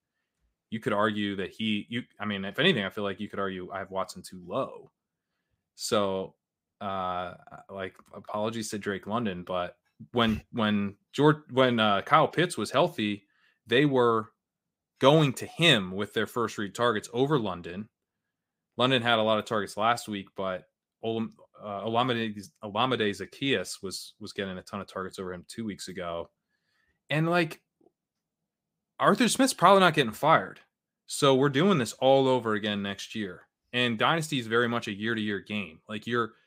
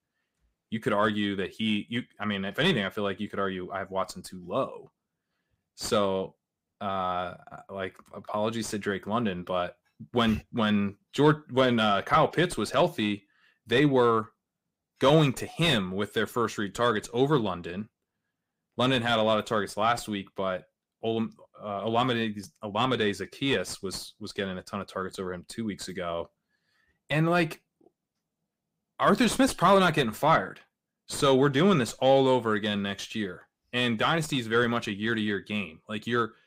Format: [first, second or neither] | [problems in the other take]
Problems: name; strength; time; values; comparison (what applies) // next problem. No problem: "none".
first | distortion; slight; 10 dB below the speech